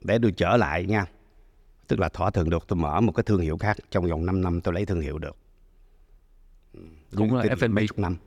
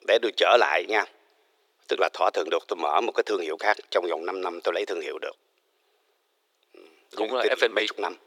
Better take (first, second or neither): first